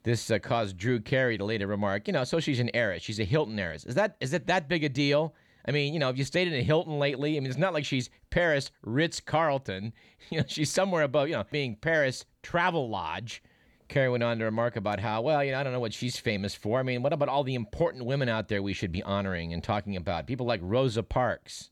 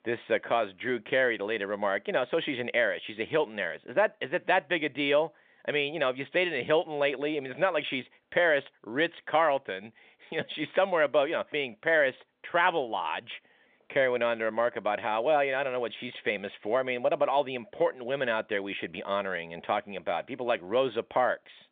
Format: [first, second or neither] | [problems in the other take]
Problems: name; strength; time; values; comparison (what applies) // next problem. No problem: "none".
first | phone-call audio